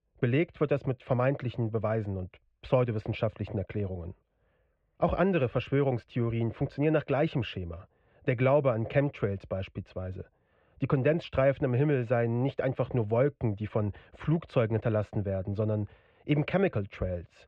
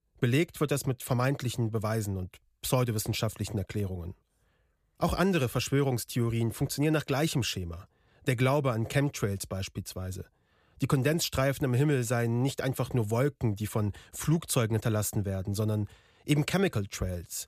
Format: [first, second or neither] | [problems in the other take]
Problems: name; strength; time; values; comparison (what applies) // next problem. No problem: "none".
second | muffled; very; fading above 2.5 kHz